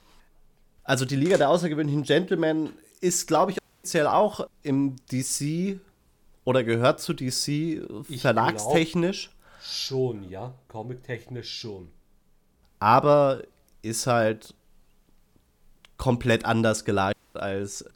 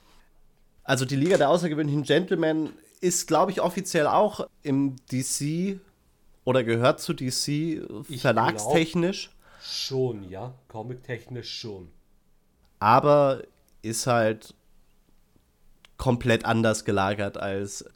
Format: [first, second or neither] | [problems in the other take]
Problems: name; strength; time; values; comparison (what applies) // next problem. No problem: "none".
second | audio cutting out; at 3.5 s and at 17 s